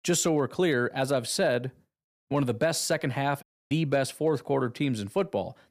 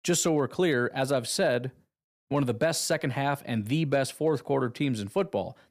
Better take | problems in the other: second | audio cutting out; at 3.5 s

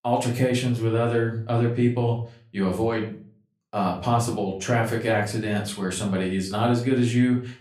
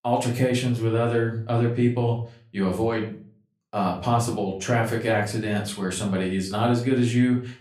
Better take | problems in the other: neither | off-mic speech; far; the same in both // room echo; slight; dies away in 0.4 s; the same in both

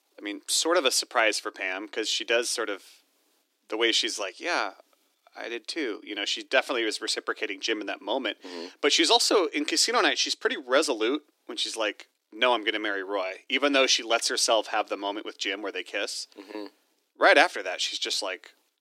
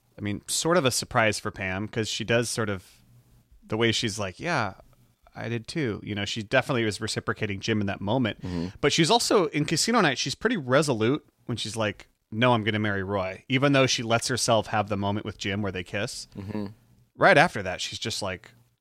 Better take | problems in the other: second | thin; somewhat; fading below 300 Hz

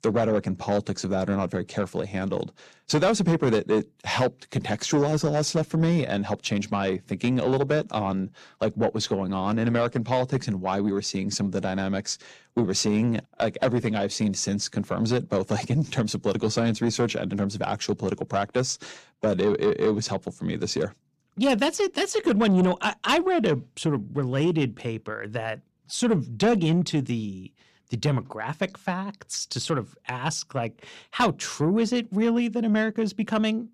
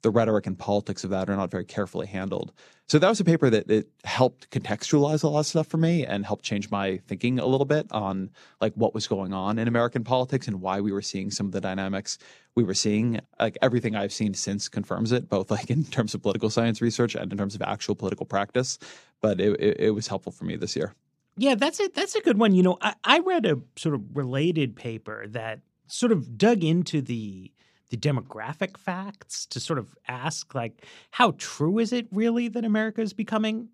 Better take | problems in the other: second | distortion; slight; 10 dB below the speech

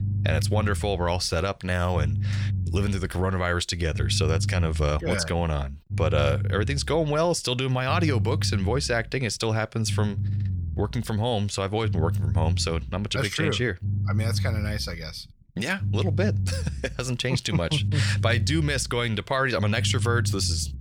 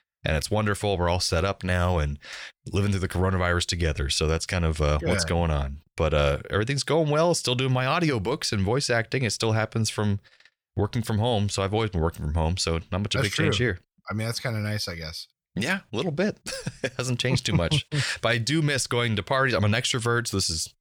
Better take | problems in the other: second | low rumble; noticeable; throughout; 15 dB below the speech

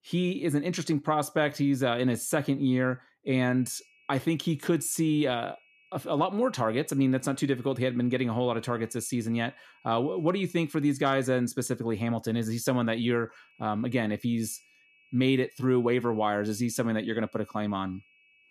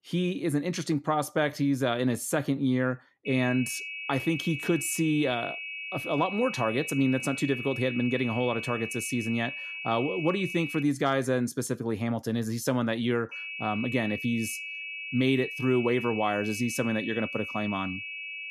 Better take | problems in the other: first | high-pitched whine; loud; from 3.5 to 11 s and from 13 s on; 2.5 kHz, 6 dB below the speech; faint in the first

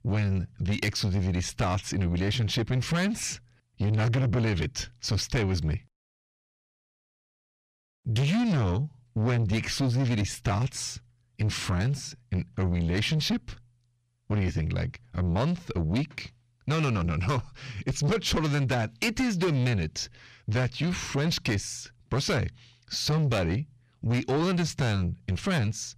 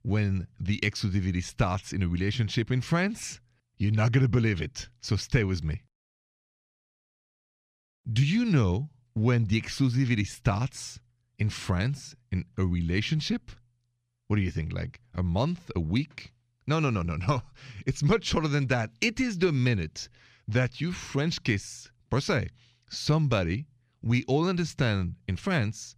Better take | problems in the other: second | distortion; heavy; 7 dB below the speech

